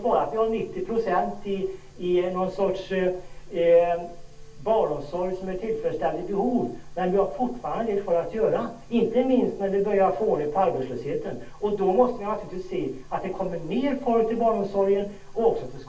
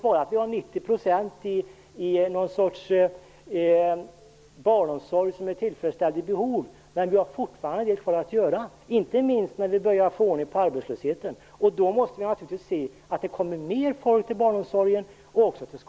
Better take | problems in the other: second | room echo; dies away in 0.3 s

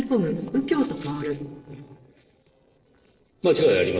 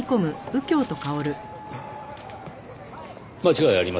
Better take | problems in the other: second | noise reduction (neural separator model SepFormer DNS4)

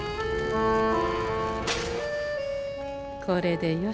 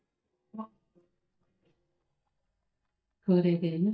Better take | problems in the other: first | noise reduction (neural mask model DeepFilterNet 3)

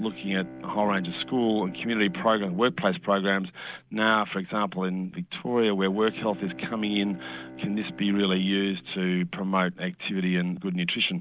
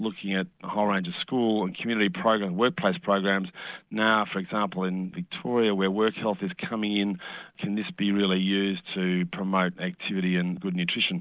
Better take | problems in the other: second | background sound (Bowed string instrument); 19 dB below the speech

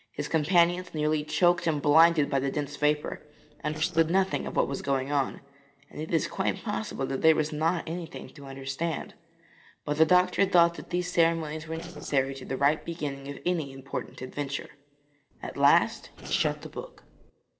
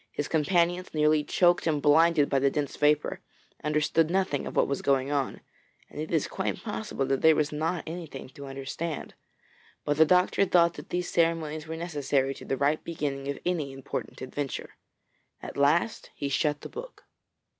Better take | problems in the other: second | noise reduction (neural separator model SepFormer DNS4)

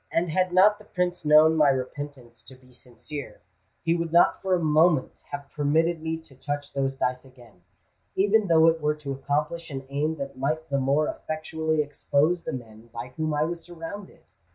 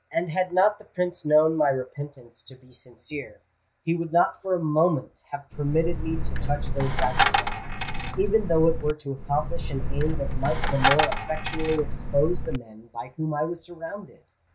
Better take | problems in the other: first | background sound (Coin (dropping)); 1 dB above the speech

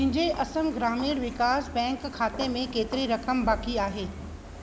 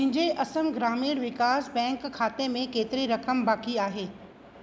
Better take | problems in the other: second | background sound (Walk, footsteps); 12 dB below the speech

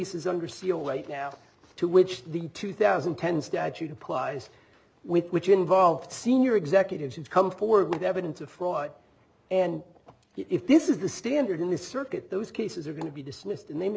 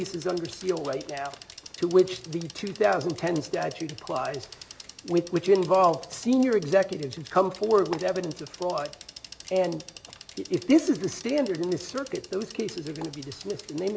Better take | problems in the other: first | background sound (Bicycle); 18 dB below the speech

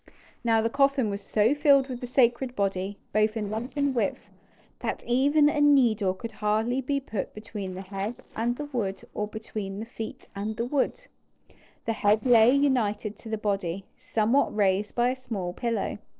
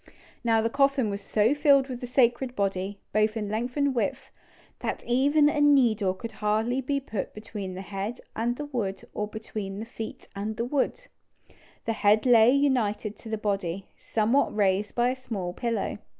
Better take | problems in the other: second | noise reduction (neural separator model SepFormer DNS4)

